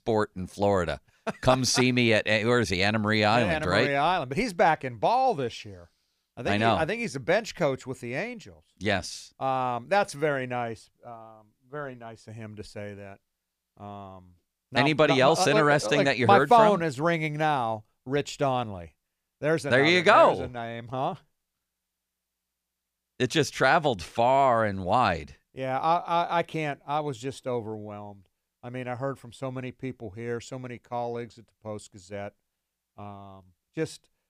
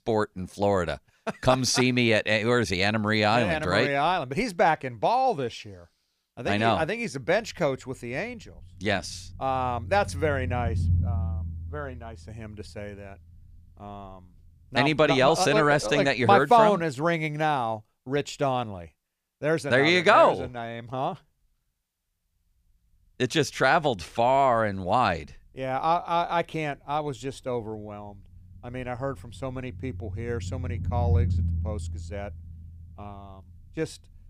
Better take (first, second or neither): first